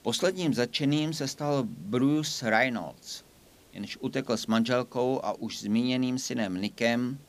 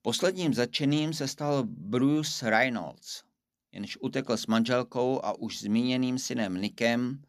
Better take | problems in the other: second | hiss; faint; throughout; 30 dB below the speech

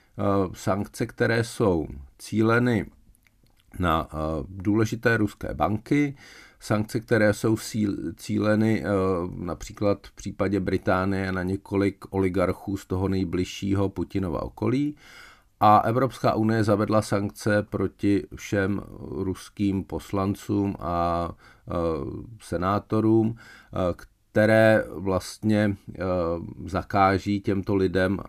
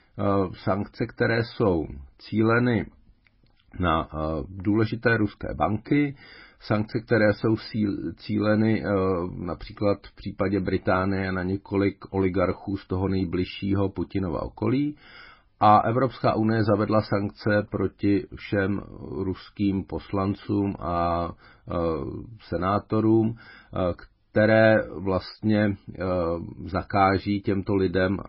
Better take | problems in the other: first | garbled, watery; badly; nothing above 5 kHz

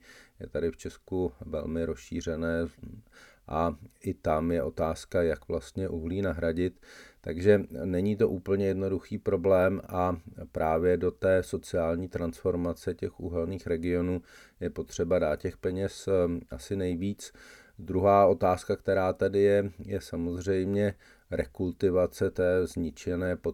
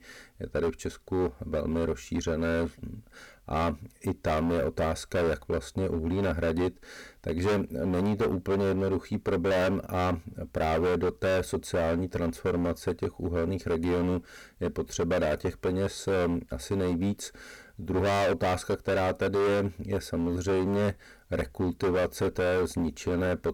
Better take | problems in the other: first | distortion; heavy; 17% of the sound clipped

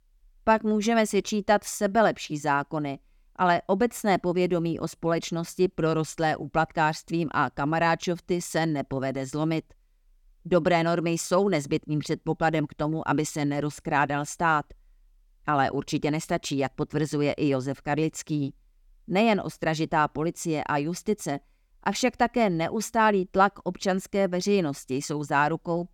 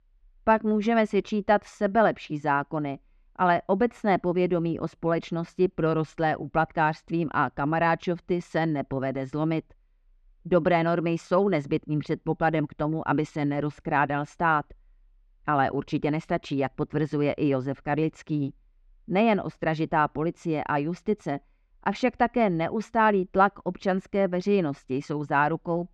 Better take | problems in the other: first | muffled; slightly; fading above 2.5 kHz

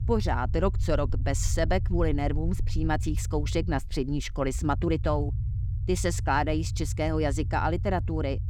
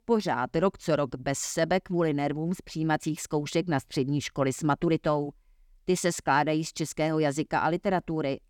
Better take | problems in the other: second | low rumble; noticeable; throughout; 20 dB below the speech

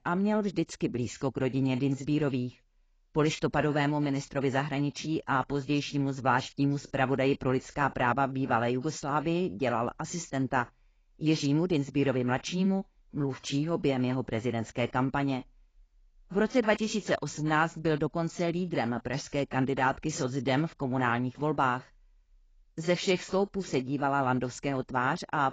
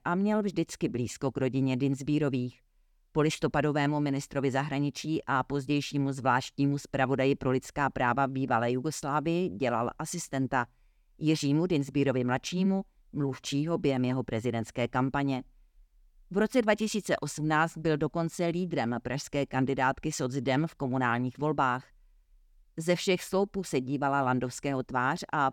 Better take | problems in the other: second | garbled, watery; badly; nothing above 7.5 kHz

